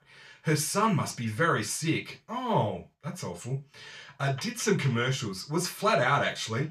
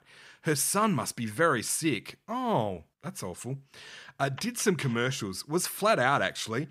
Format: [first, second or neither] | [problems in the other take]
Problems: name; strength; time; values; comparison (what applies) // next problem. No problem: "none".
second | room echo; slight; dies away in 0.2 s // off-mic speech; far